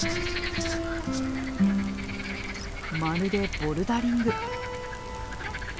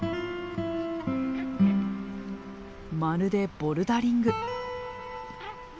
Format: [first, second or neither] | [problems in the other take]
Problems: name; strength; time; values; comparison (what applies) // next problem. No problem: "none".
second | background sound (Frog); 5 dB below the speech